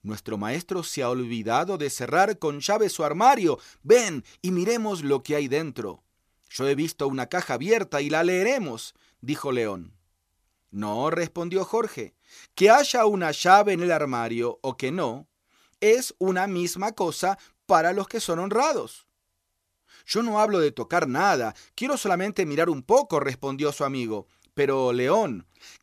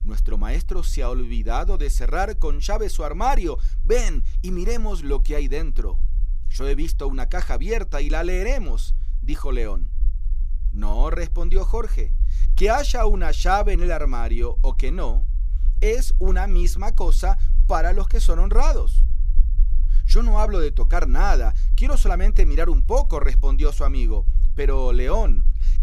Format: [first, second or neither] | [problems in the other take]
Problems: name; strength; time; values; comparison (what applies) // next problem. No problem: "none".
first | low rumble; faint; throughout; 25 dB below the speech